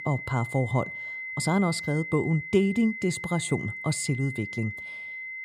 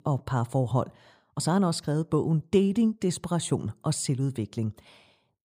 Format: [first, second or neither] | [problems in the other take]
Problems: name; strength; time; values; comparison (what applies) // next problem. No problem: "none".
second | high-pitched whine; loud; throughout; 2 kHz, 8 dB below the speech